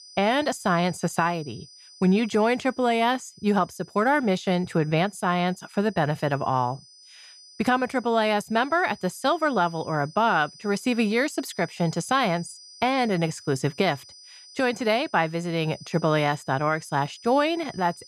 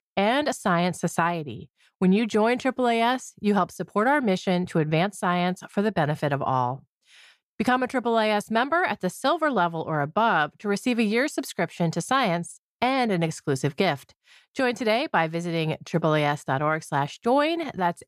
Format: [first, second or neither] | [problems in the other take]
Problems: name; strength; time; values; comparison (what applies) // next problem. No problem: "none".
second | high-pitched whine; faint; throughout; 5 kHz, 20 dB below the speech